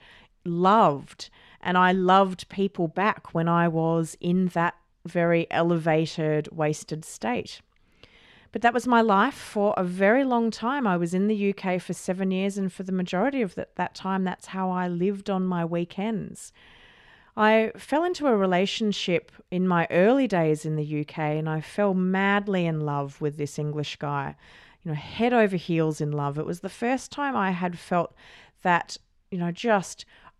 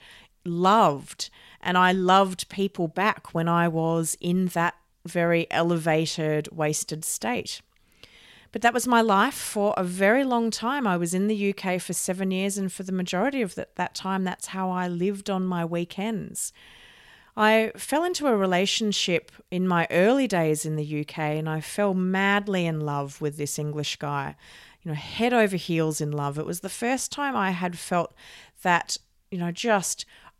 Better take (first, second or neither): second